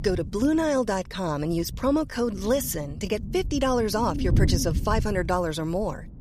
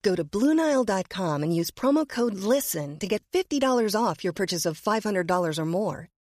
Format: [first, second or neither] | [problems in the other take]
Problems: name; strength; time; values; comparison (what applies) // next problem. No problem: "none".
second | wind noise on the microphone; occasional gusts; 15 dB below the speech